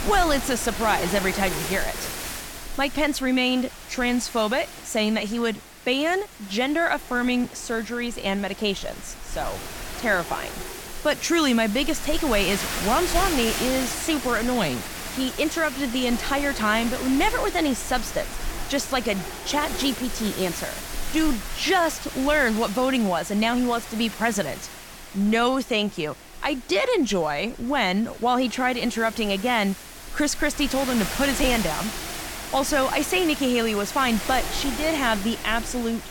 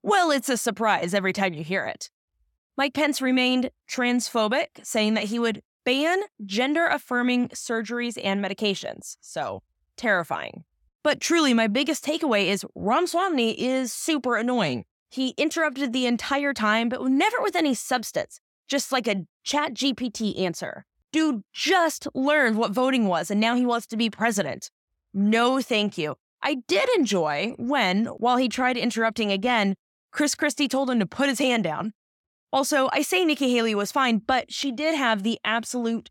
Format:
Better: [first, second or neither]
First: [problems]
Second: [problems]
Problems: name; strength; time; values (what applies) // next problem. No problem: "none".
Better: second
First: wind noise on the microphone; heavy; 9 dB below the speech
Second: none